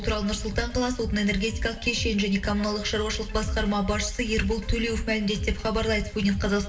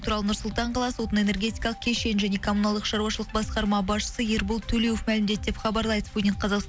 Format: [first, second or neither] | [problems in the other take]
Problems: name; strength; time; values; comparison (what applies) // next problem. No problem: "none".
second | room echo; dies away in 0.6 s